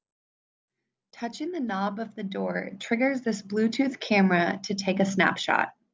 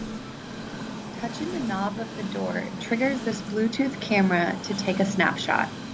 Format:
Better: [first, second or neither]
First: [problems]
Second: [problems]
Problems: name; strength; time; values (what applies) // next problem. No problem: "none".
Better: first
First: none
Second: background sound (Train); 8 dB below the speech